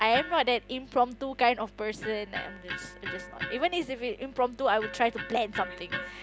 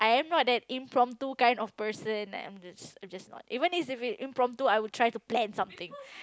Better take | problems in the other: second | background sound (Electric guitar); 11 dB below the speech

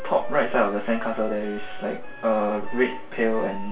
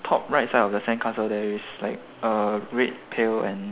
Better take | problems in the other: second | background sound (Wind instrument, woodwind instrument); 16 dB below the speech // room echo; dies away in 0.2 s

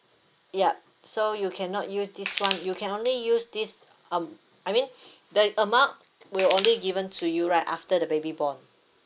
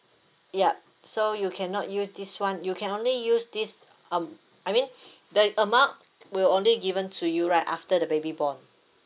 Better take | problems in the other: second | background sound (Crushing); 9 dB below the speech

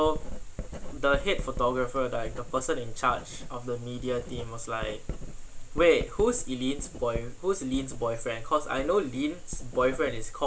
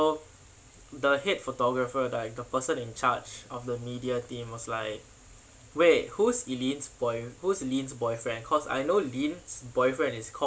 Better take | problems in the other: second | background sound (Writing); 6 dB below the speech

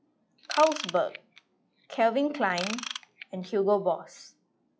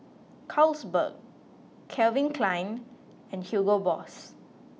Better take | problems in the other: second | noise reduction (classical method log-MMSE)

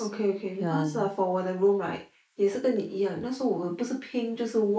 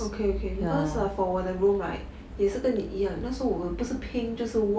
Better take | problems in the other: second | noise reduction (neural mask model Resemble Enhance denoiser)

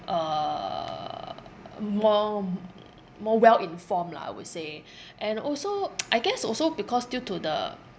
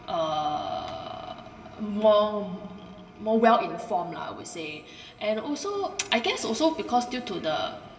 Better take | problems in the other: first | room echo; dies away in 1.8 s

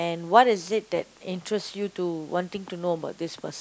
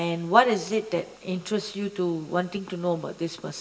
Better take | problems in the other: first | room echo; dies away in 2 s

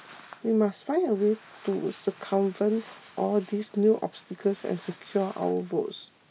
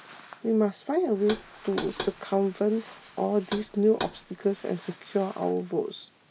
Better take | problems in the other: first | background sound (Knock); 13 dB below the speech

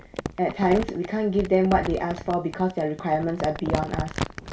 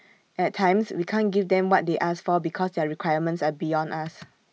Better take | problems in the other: second | background sound (Crumpling, crinkling); 8 dB below the speech // room echo; dies away in 0.3 s

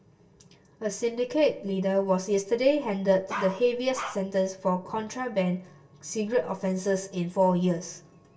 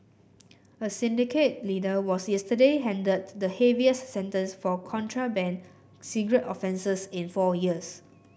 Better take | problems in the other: second | background sound (Bark); 9 dB below the speech // room echo; dies away in 0.1 s

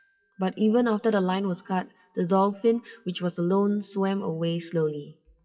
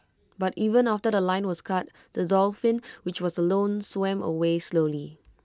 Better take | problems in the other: second | noise reduction (classical method WPE with log-MMSE)

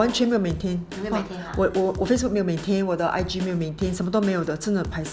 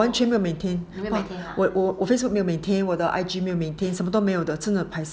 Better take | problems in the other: second | background sound (Drum kit); 14 dB below the speech

